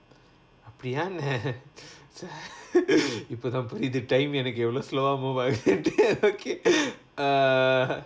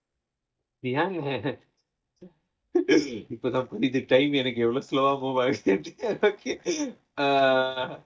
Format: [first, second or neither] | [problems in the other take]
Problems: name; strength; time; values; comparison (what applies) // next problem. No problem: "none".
first | noise reduction (neural mask model DeepFilterNet 3)